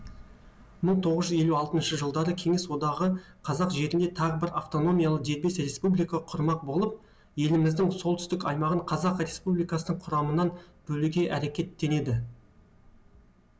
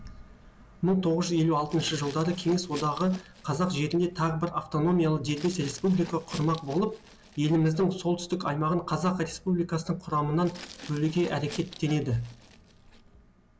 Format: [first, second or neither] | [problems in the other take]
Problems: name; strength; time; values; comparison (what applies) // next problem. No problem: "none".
first | background sound (Glass); 20 dB below the speech